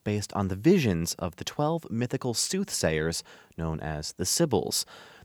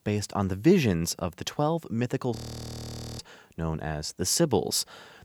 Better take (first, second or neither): first